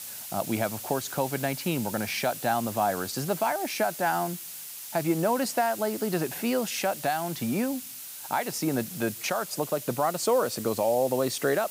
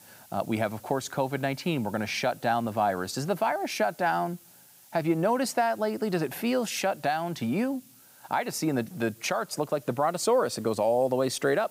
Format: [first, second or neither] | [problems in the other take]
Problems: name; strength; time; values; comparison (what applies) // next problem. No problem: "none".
second | hiss; loud; throughout; 9 dB below the speech; faint in the second